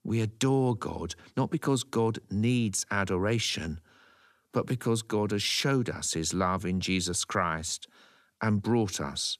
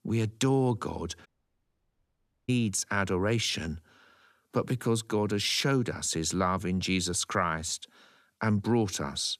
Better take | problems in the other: first | audio cutting out; at 1.5 s for 1 s

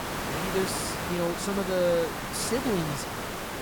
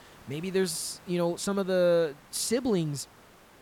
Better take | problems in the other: second | hiss; loud; throughout; 3 dB below the speech; faint in the second

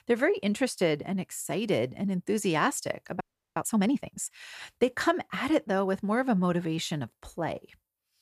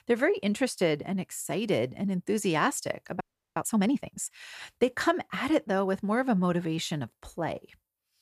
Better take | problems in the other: neither | audio freezing; at 3 s; the same in both

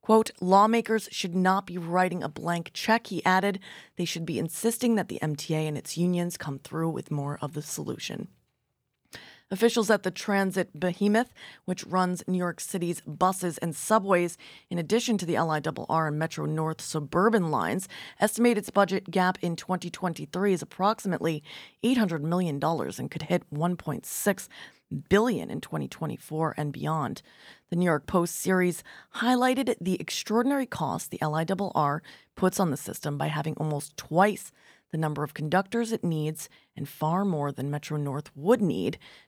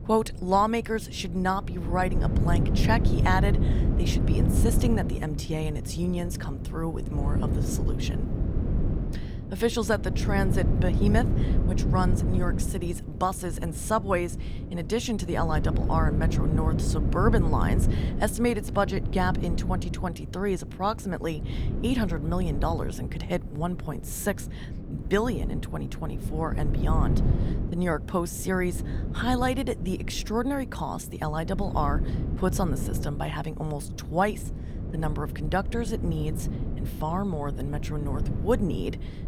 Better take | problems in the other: first | wind noise on the microphone; heavy; 9 dB below the speech

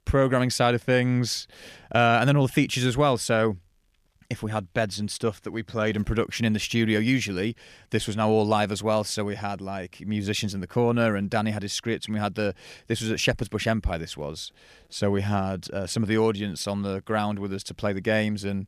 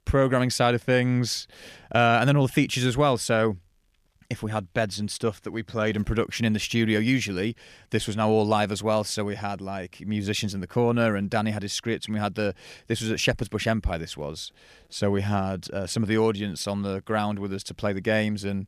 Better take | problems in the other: neither | none

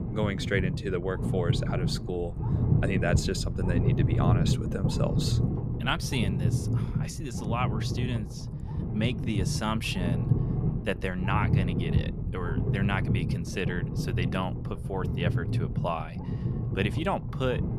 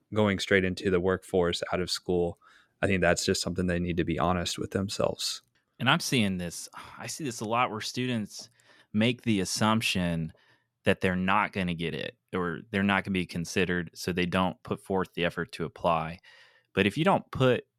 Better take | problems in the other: second | low rumble; loud; throughout; 6 dB below the speech

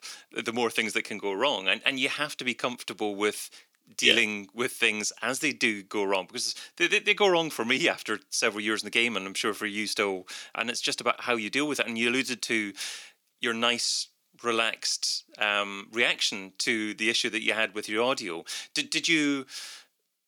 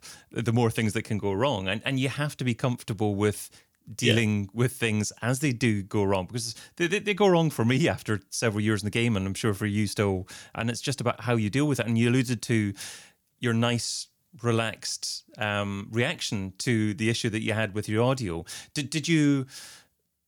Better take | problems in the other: second | thin; somewhat; fading below 300 Hz

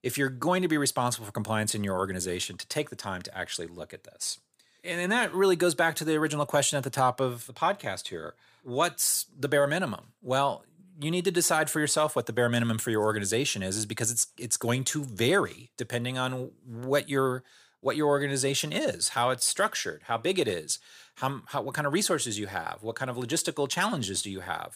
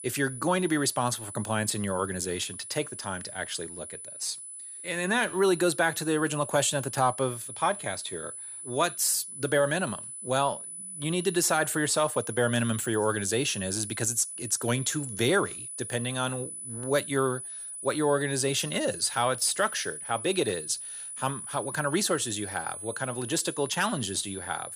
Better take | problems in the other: first | high-pitched whine; loud; throughout; 10 kHz, 9 dB below the speech

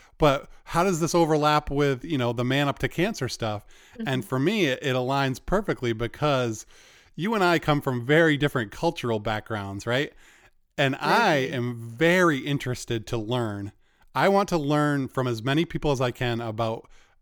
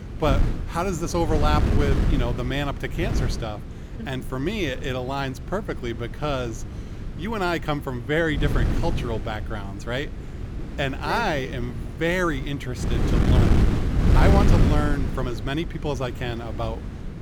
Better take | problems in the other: first | wind noise on the microphone; heavy; 7 dB below the speech

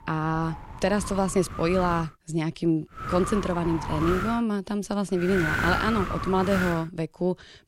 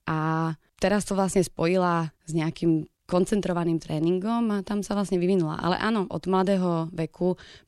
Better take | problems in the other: second | wind noise on the microphone; heavy; until 2 s, from 3 to 4.5 s and from 5 to 7 s; 2 dB below the speech

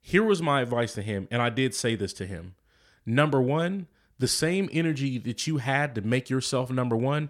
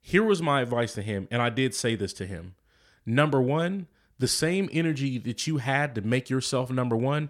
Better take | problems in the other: neither | none

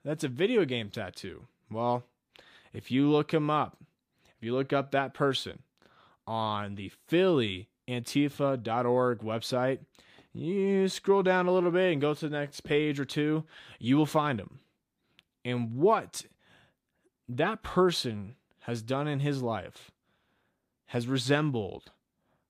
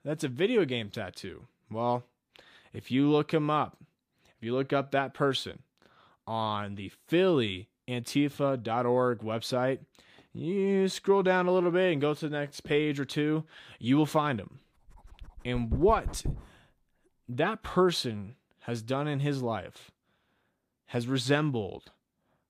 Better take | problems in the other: first | dog barking; noticeable; from 15 to 16 s; peak 7 dB below the speech

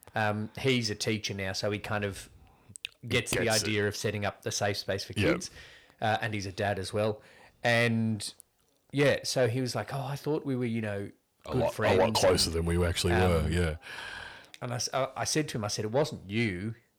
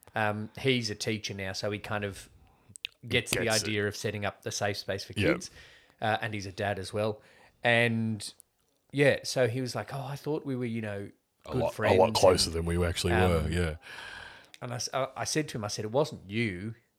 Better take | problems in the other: second | distortion; slight; 10 dB below the speech

